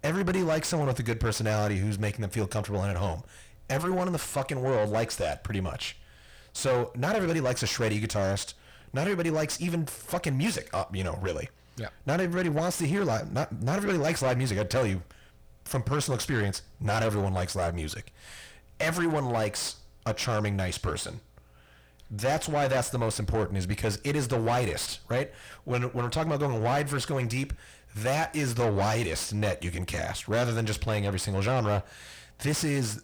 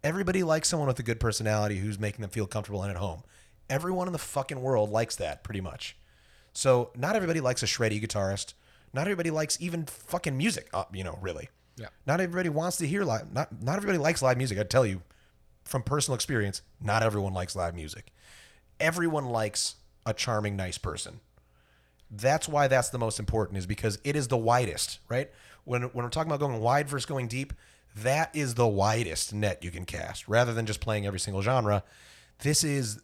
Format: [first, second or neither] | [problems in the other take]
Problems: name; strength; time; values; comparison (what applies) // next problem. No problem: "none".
second | distortion; heavy; 8 dB below the speech